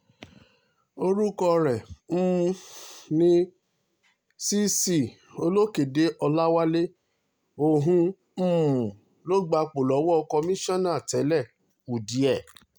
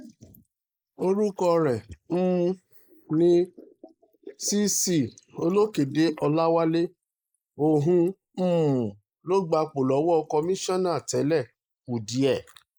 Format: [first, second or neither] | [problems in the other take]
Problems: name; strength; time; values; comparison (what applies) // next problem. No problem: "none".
first | noise reduction (neural mask model Resemble Enhance denoiser)